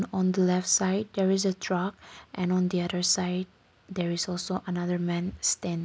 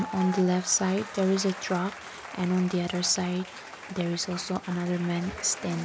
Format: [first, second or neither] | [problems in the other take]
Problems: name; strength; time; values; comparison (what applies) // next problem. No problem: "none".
first | background sound (Applause / Crowd / Cheering); 12 dB below the speech